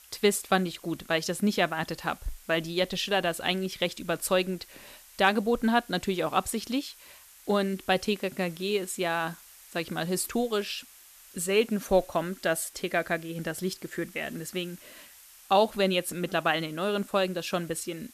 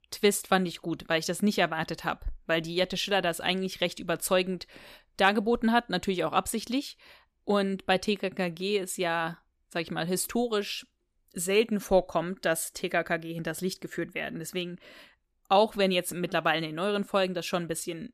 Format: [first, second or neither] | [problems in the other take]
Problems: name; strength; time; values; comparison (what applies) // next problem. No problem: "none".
second | hiss; faint; throughout; 20 dB below the speech